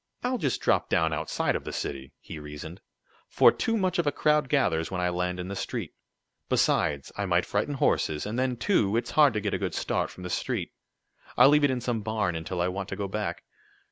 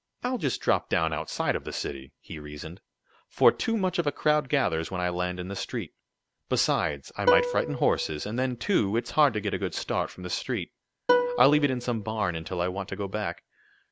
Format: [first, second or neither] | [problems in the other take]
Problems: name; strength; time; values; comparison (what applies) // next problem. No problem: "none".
first | background sound (Plucked string instrument); 2 dB below the speech